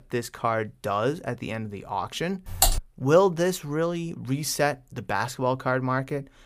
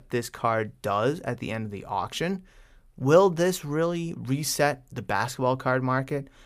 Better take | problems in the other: second | keyboard typing; loud; at 2.5 s; peak 4 dB above the speech

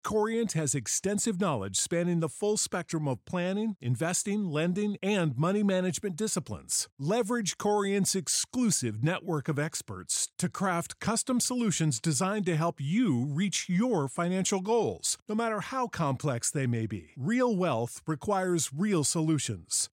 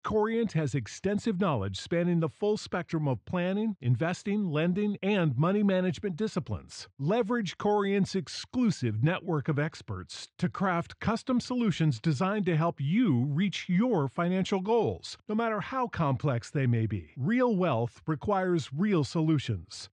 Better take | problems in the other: first | muffled; slightly; fading above 3.5 kHz

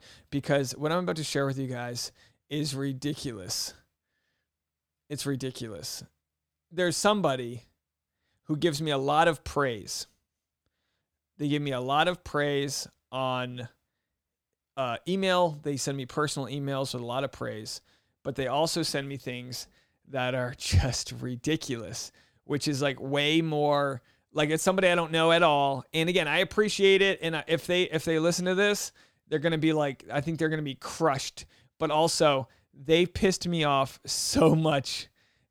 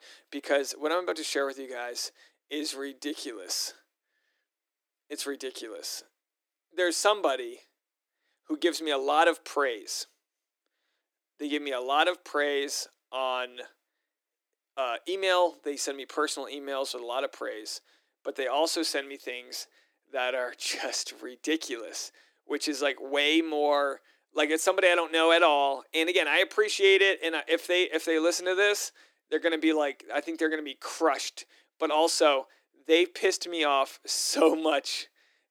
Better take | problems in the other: first | thin; somewhat; fading below 300 Hz

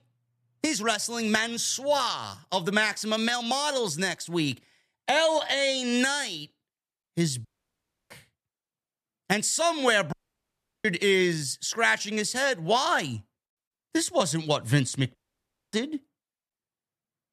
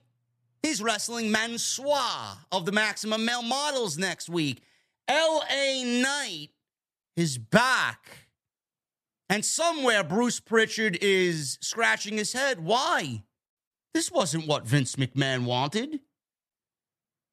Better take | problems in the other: second | audio cutting out; at 7.5 s for 0.5 s, at 10 s for 0.5 s and at 15 s for 0.5 s

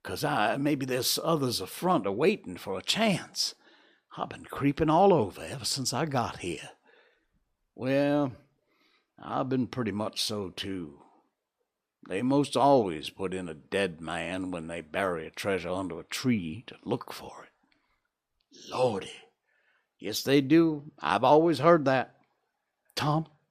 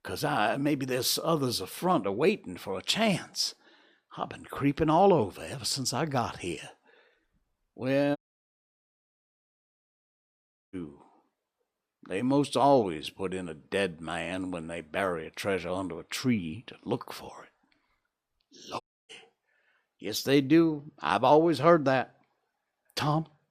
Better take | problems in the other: first | audio cutting out; at 8 s for 2.5 s and at 19 s

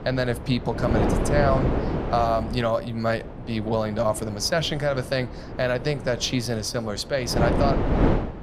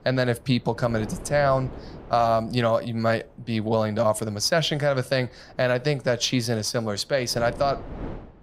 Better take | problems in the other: second | wind noise on the microphone; heavy; 5 dB below the speech; occasional gusts in the second

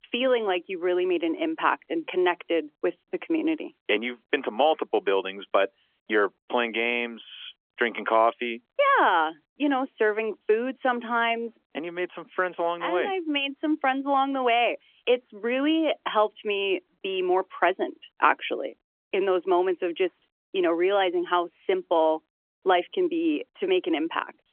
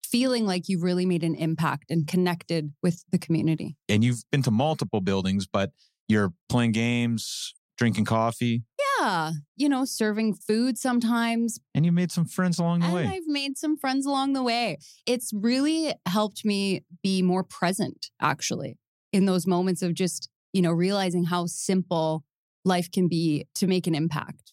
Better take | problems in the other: second | phone-call audio; nothing above 3.5 kHz

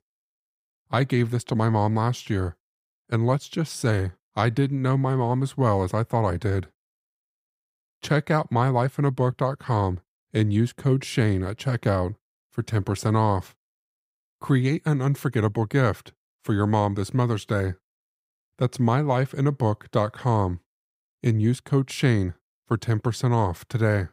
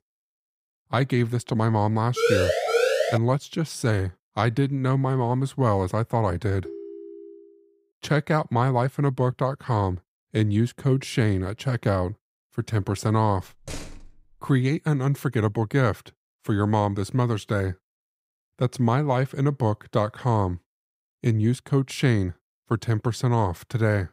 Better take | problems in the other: first | siren; loud; from 2 to 3 s; peak 3 dB above the speech // phone ringing; faint; at 6.5 s; peak 15 dB below the speech // door banging; faint; at 14 s; peak 15 dB below the speech

